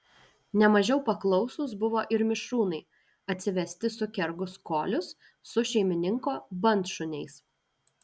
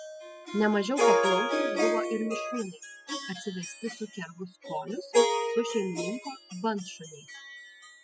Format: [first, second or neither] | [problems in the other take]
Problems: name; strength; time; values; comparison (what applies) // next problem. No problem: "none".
first | noise reduction (classical method spectral subtraction)